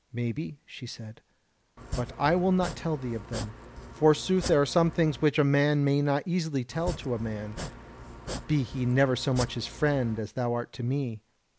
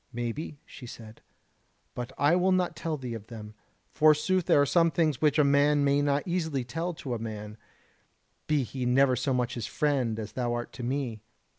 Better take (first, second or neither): second